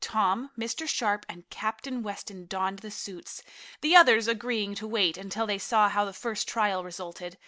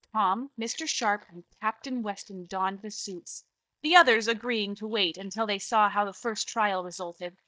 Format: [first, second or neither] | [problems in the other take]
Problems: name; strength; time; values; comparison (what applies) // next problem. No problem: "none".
first | noise reduction (neural mask model DeepFilterNet 3)